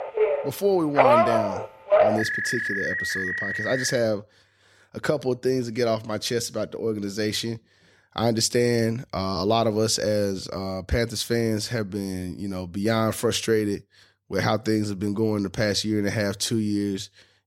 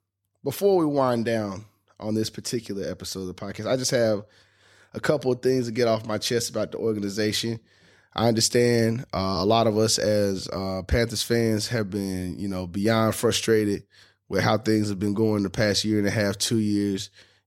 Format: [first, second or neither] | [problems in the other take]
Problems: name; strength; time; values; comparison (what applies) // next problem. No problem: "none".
second | alarms or sirens; very loud; until 4 s; 2 dB above the speech